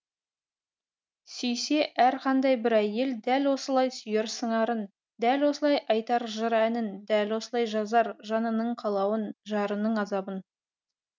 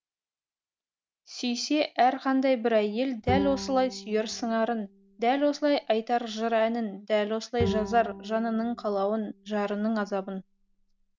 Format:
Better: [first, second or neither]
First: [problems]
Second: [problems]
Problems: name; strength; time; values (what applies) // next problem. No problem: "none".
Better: first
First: none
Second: background sound (Bowed string instrument); 10 dB below the speech